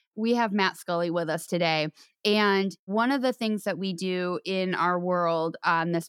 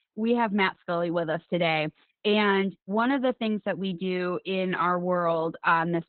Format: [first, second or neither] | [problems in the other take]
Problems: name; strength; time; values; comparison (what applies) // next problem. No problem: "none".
first | garbled, watery; badly; nothing above 4 kHz